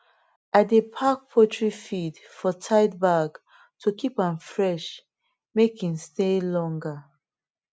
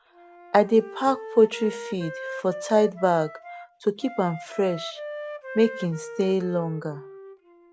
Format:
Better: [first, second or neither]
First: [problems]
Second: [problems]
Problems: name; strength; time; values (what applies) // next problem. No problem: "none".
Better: first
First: none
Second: background sound (Wind instrument, woodwind instrument); 13 dB below the speech